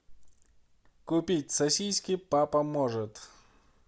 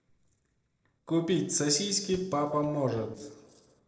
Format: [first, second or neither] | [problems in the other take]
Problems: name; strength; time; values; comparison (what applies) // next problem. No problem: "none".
first | noise reduction (neural separator model SepFormer DNS4)